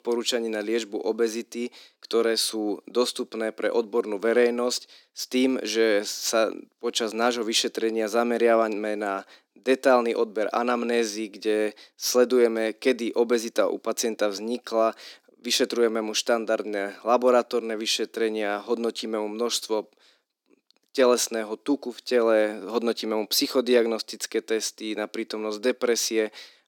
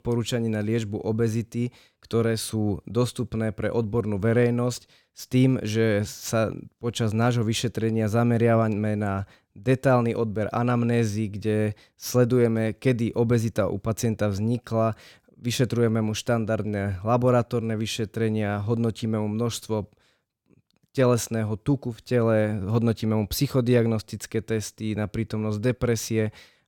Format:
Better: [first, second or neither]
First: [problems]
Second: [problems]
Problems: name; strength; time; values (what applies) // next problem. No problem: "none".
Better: second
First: thin; somewhat; fading below 250 Hz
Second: none